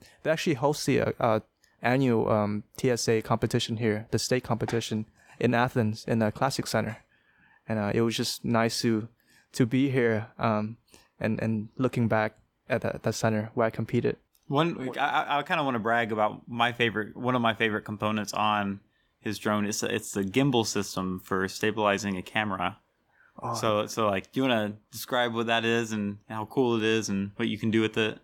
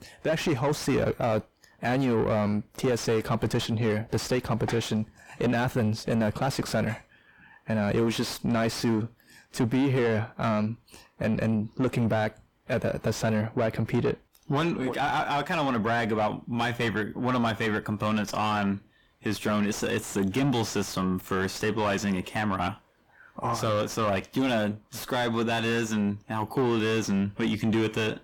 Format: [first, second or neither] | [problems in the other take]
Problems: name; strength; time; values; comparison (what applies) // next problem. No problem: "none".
first | distortion; heavy; 6 dB below the speech